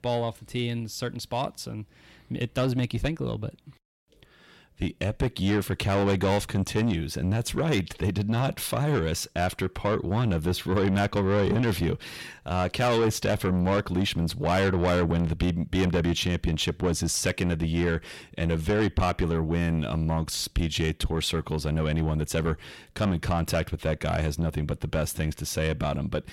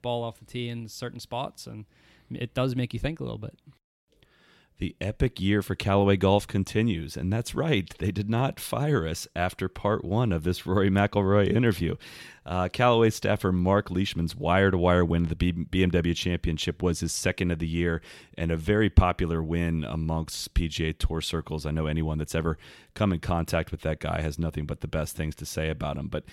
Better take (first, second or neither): second